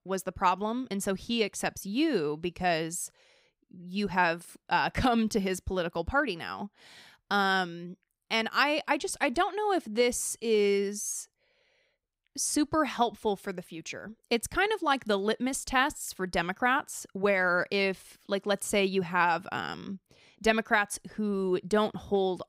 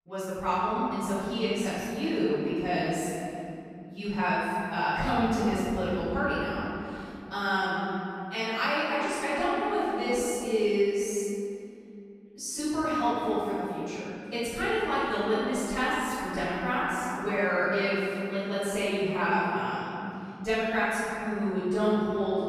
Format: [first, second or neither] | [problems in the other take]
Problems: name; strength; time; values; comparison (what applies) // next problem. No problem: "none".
first | off-mic speech; far // room echo; strong; dies away in 2.8 s